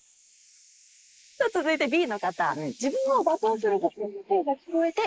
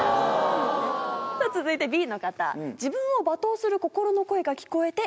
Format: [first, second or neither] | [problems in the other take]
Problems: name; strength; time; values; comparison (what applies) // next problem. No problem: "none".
second | noise reduction (neural mask model Resemble Enhance denoiser)